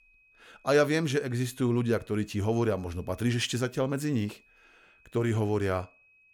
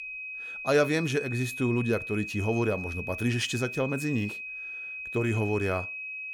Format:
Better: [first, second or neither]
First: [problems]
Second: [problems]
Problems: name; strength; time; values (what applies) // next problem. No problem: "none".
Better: first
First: high-pitched whine; faint; throughout; 2.5 kHz, 30 dB below the speech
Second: high-pitched whine; loud; throughout; 2.5 kHz, 7 dB below the speech